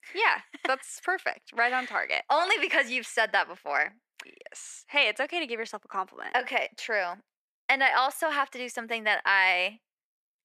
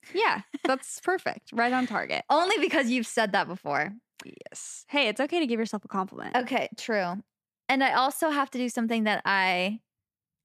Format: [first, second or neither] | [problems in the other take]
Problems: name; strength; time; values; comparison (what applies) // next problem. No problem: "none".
second | thin; very; fading below 500 Hz